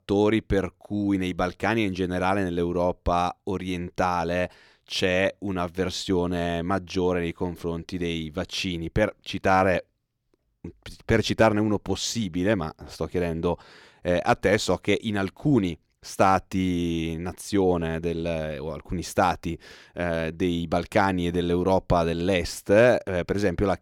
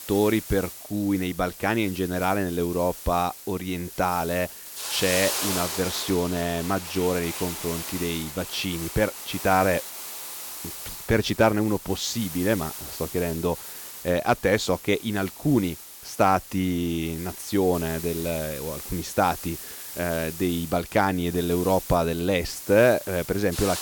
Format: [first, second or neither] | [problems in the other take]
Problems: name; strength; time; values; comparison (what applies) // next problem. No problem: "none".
first | hiss; loud; throughout; 9 dB below the speech